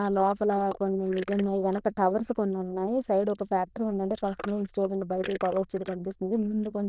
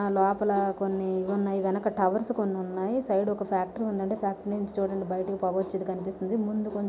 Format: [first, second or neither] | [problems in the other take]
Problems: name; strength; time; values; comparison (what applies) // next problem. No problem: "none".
second | noise reduction (neural diffusion model UNIVERSE++)